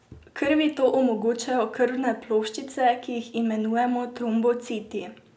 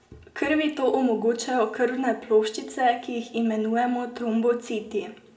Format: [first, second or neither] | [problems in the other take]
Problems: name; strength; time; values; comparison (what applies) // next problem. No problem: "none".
first | room echo; dies away in 1.2 s